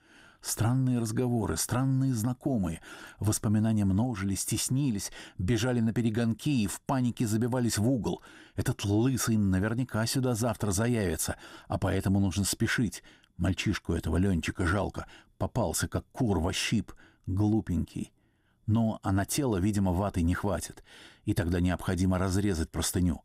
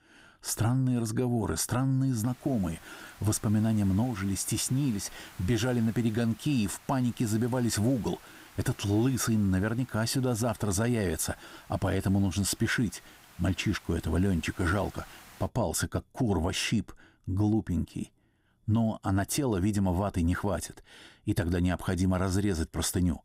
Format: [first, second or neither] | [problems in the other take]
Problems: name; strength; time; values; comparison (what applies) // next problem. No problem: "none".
first | hiss; faint; from 2 to 15 s; 25 dB below the speech